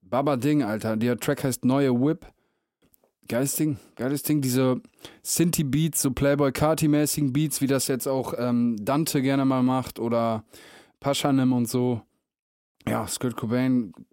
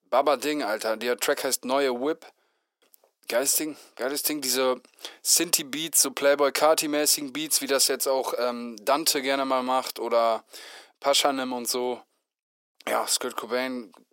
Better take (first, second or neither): first